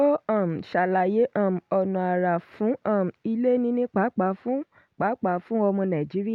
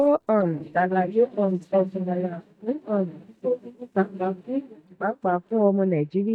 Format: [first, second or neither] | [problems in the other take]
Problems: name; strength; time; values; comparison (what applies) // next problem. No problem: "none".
first | noise reduction (neural mask model DeepFilterNet 3)